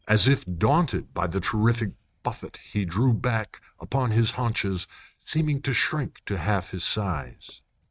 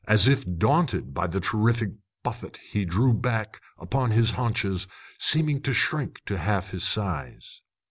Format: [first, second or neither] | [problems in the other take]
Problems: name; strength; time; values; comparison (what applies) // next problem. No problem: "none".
second | noise reduction (neural mask model RNNoise)